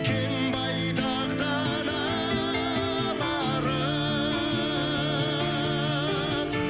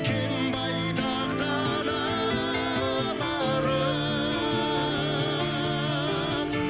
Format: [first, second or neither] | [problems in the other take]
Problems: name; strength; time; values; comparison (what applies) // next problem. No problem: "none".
first | background sound (Wind instrument, woodwind instrument); 7 dB below the speech